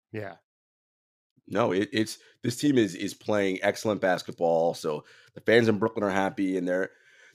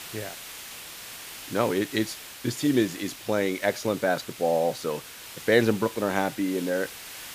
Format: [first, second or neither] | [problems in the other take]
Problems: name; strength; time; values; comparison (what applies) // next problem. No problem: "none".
first | hiss; noticeable; throughout; 15 dB below the speech